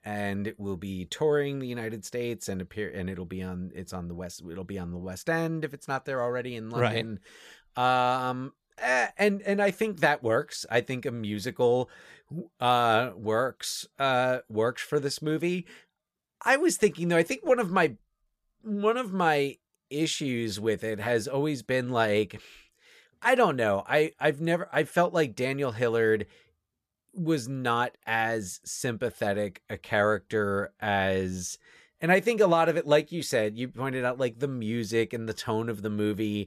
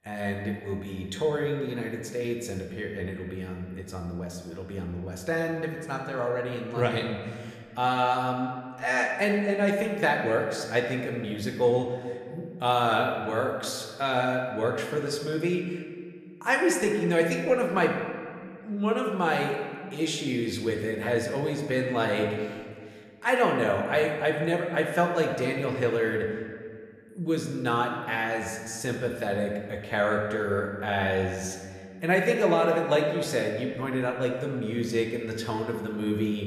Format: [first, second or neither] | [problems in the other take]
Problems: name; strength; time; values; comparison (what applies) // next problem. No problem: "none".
first | room echo; noticeable; dies away in 1.5 s // off-mic speech; somewhat distant